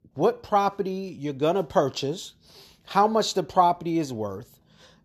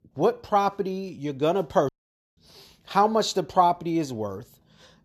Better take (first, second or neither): first